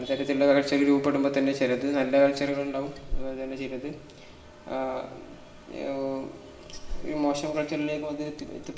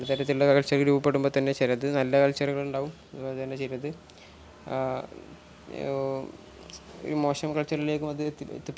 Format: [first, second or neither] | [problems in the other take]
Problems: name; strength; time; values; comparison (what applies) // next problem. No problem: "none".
second | background sound (Liquid); 13 dB below the speech // room echo; dies away in 1.9 s